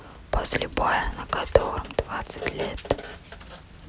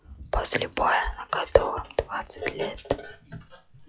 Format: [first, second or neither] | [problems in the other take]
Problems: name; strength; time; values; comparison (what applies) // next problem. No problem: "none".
first | noise reduction (classical method log-MMSE)